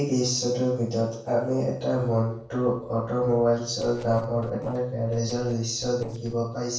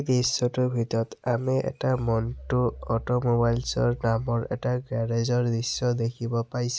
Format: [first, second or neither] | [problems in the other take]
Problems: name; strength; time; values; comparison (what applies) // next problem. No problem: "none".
second | noise reduction (neural separator model SepFormer DNS4)